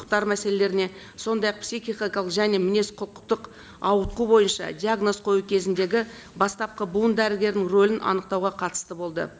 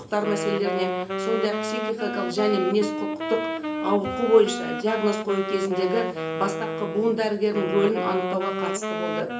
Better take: first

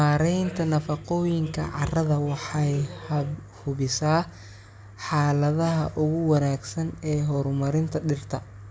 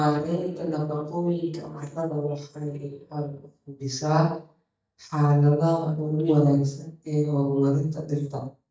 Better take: first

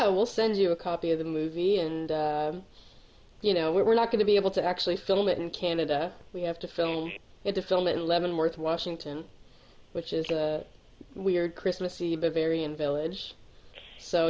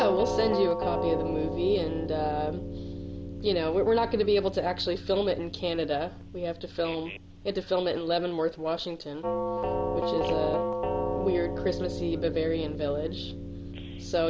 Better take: first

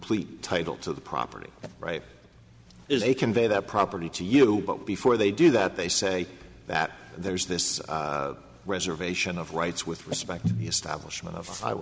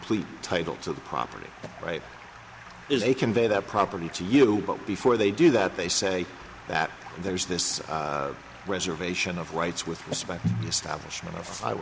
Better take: first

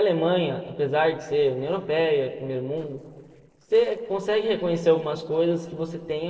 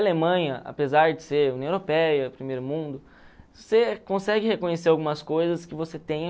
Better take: second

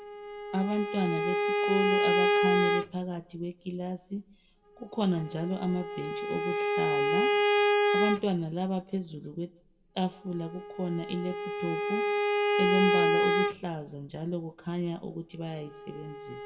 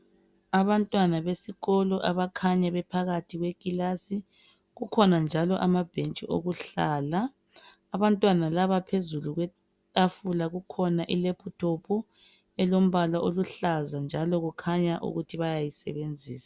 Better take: second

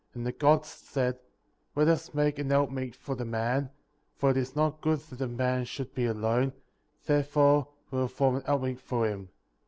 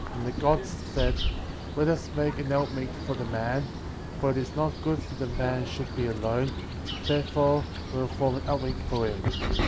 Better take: first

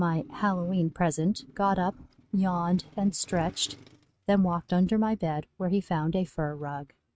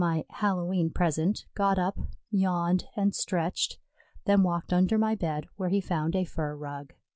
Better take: second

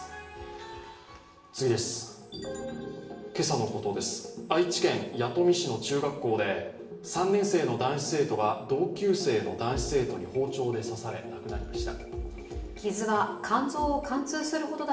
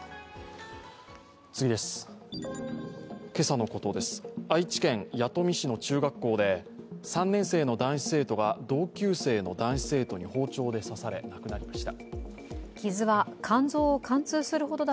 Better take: second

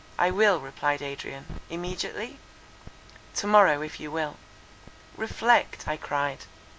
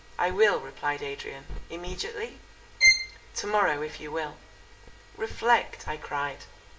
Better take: first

